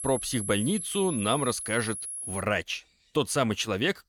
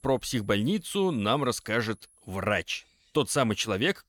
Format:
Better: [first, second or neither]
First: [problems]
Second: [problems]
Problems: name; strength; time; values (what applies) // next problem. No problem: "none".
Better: second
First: high-pitched whine; loud; until 2.5 s; 10.5 kHz, 5 dB below the speech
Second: high-pitched whine; faint; until 2.5 s; 10.5 kHz, 30 dB below the speech